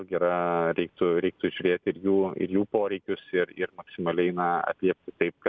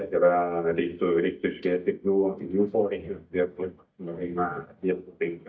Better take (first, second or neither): first